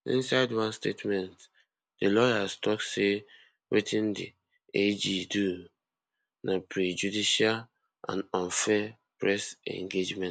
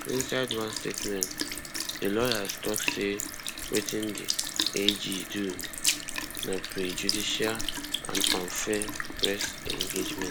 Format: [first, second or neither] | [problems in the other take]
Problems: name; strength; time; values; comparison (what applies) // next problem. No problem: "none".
first | background sound (Sink (filling or washing) / Liquid); as loud as the speech